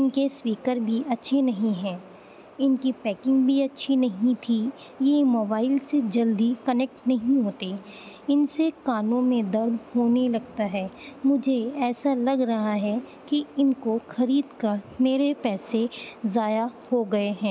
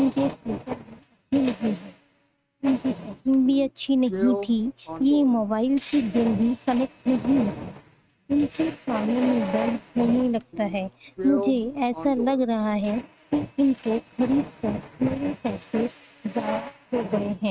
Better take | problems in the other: first | noise reduction (neural mask model RNNoise)

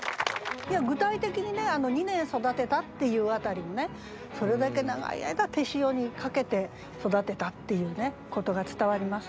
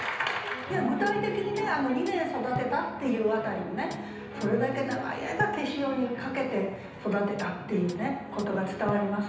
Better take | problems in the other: first | background sound (Hi-hat); 16 dB below the speech // room echo; dies away in 0.9 s

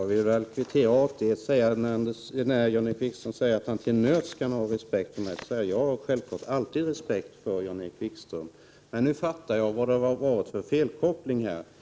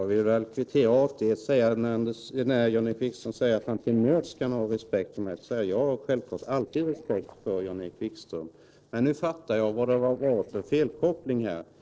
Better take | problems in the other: first | noise reduction (neural separator model SepFormer DNS4)

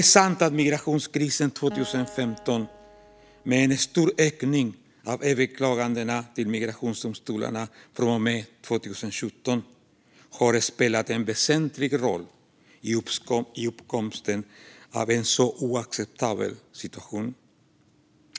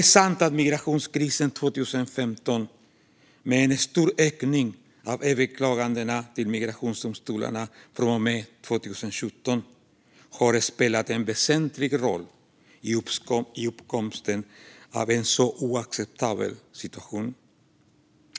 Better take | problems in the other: second | background sound (Acoustic guitar); 19 dB below the speech

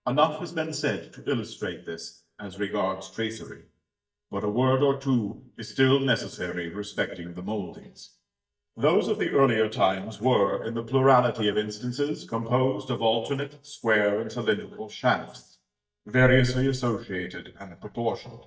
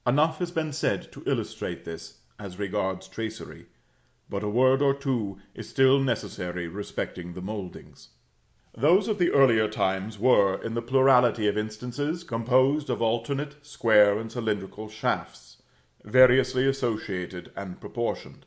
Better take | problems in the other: second | noise reduction (neural mask model DeepFilterNet 3)

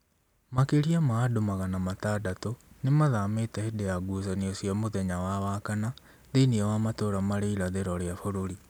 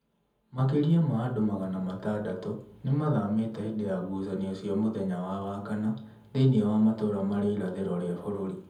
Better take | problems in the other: first | room echo; dies away in 0.7 s

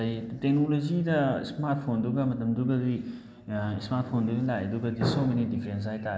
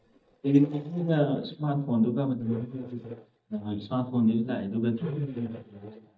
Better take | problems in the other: first | noise reduction (neural mask model DeepFilterNet 3)

